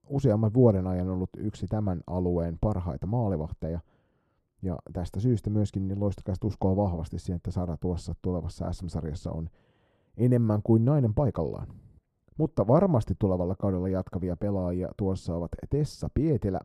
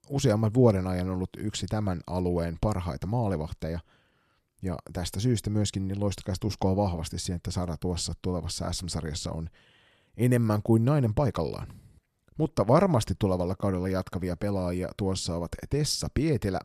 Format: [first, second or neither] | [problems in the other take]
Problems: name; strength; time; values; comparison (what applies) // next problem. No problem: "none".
second | muffled; very; fading above 1.5 kHz